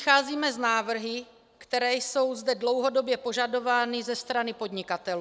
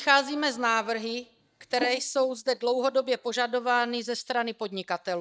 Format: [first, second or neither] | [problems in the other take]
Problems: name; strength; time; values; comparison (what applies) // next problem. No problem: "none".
first | noise reduction (neural mask model DeepFilterNet 3)